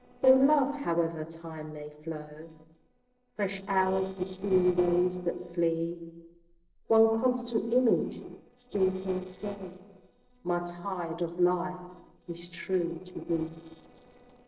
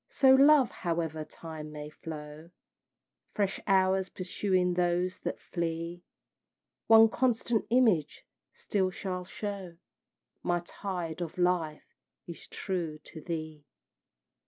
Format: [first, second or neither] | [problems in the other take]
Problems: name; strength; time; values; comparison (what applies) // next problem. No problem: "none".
second | noise reduction (neural separator model SepFormer DNS4)